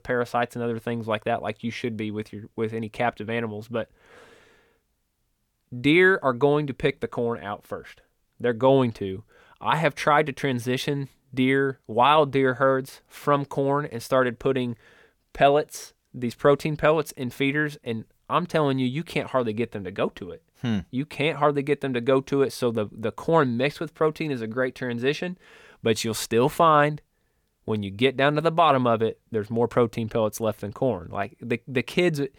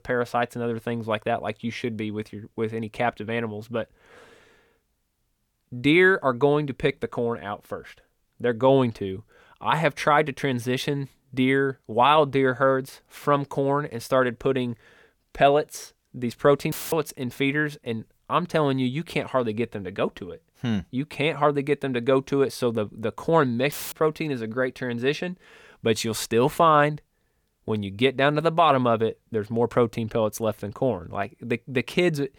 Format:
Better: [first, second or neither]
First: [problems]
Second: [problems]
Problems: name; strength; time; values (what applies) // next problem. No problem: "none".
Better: first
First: none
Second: audio cutting out; filled with static; at 17 s and at 24 s